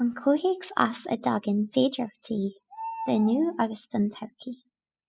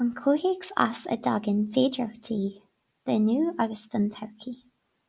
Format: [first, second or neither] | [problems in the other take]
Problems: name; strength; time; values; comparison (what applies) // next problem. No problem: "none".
second | noise reduction (classical method spectral subtraction)